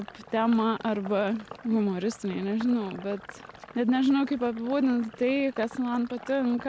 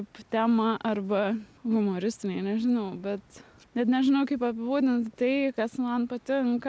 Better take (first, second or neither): second